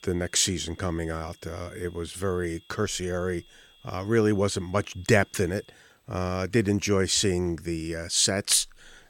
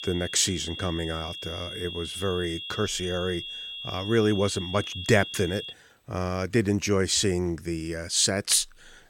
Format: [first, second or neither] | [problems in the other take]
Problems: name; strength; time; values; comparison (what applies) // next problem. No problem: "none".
first | high-pitched whine; loud; until 5.5 s; 3.5 kHz, 8 dB below the speech; faint in the first